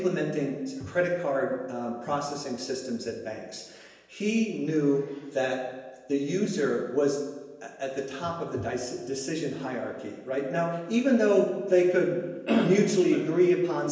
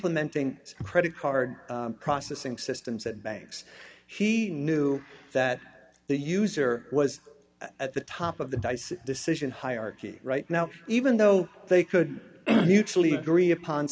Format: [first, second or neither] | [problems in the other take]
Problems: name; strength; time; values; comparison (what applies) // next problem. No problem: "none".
second | room echo; dies away in 1 s